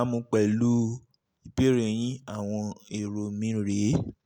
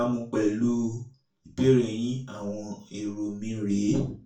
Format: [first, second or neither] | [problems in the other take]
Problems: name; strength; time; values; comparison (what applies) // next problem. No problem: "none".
first | room echo; dies away in 0.3 s